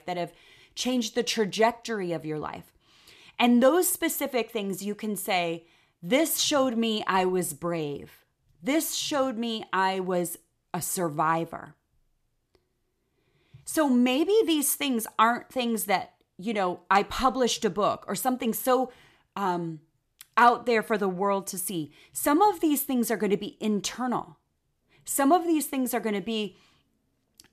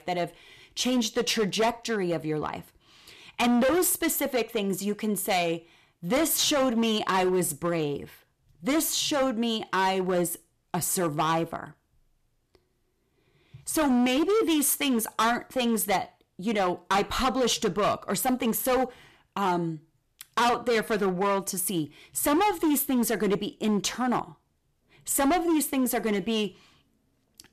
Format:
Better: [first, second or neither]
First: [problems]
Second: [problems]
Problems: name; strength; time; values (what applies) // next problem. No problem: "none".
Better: first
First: none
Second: distortion; heavy; 11% of the sound clipped